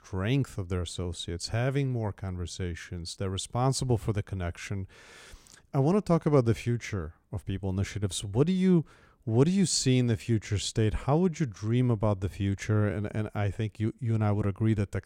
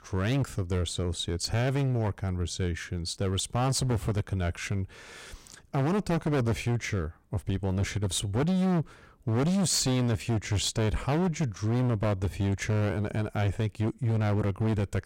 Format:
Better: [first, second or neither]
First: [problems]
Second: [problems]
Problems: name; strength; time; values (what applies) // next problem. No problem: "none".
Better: first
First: none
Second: distortion; heavy; 20% of the sound clipped